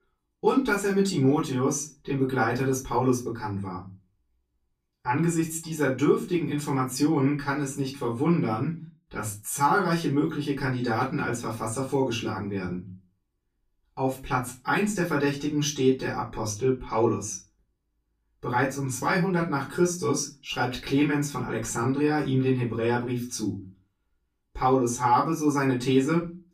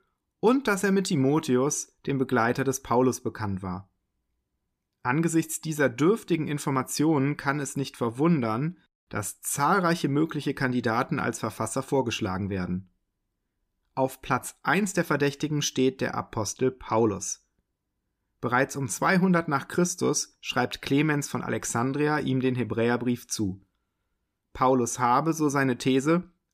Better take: second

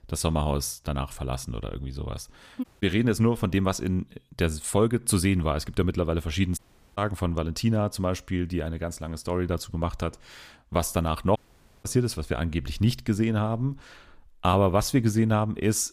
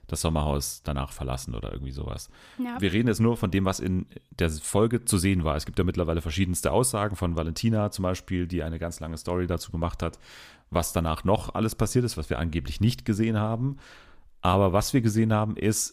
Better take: second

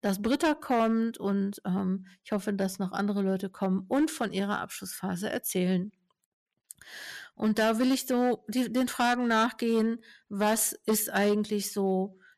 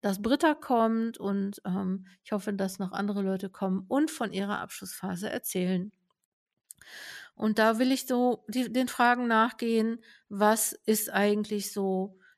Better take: second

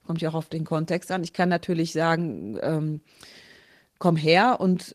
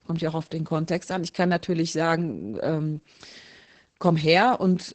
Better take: first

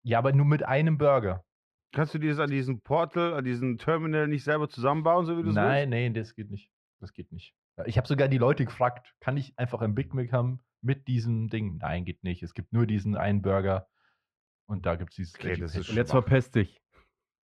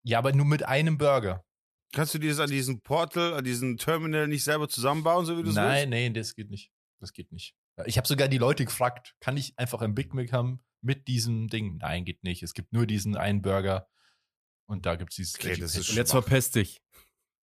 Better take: second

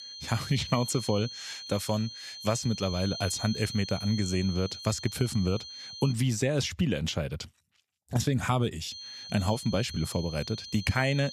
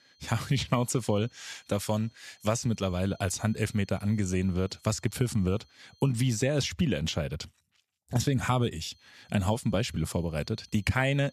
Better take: second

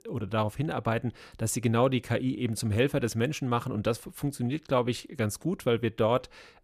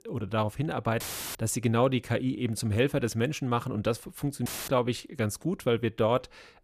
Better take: first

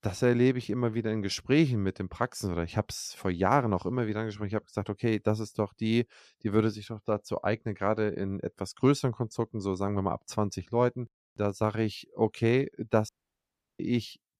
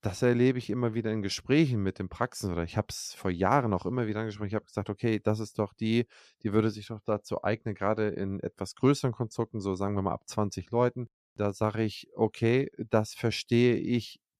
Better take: second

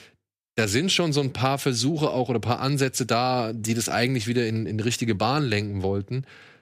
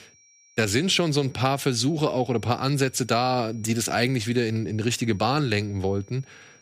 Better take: first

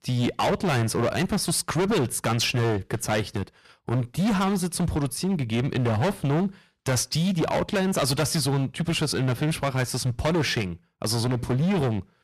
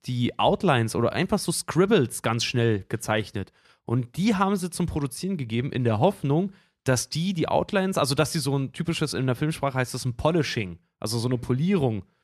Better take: second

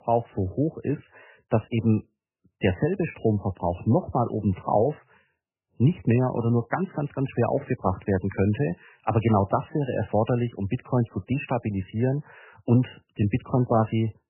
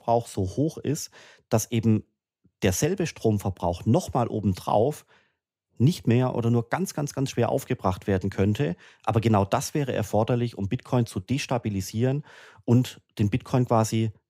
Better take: second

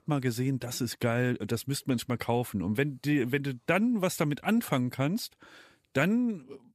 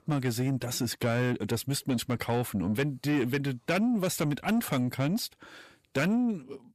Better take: first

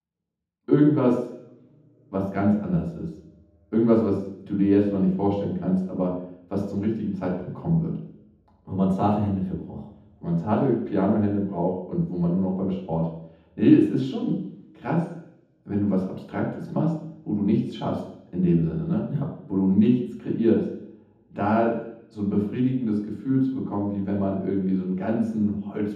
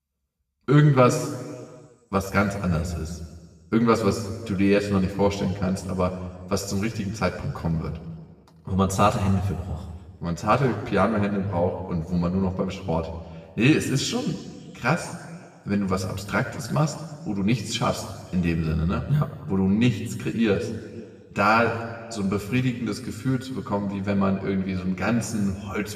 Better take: second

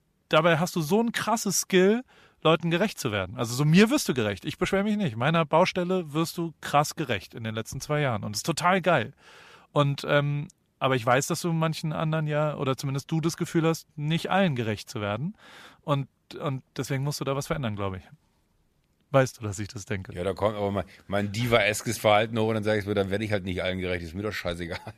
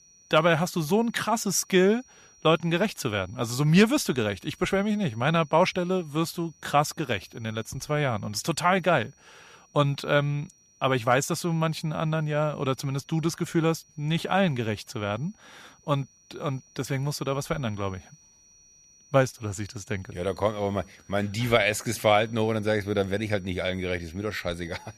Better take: first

